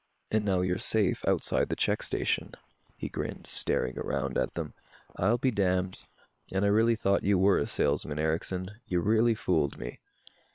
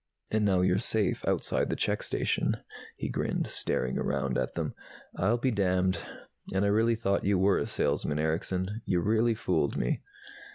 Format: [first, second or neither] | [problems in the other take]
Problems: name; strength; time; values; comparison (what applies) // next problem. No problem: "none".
second | noise reduction (neural separator model SepFormer WHAM!)